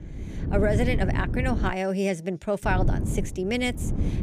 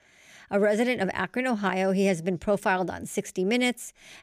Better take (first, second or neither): second